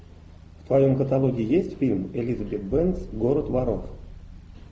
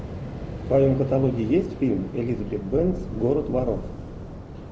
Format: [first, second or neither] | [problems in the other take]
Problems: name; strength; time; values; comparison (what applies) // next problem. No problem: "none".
first | background sound (Waves, surf); 10 dB below the speech